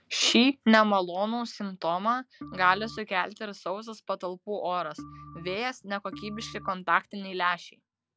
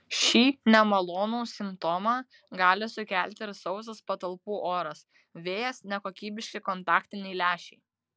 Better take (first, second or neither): second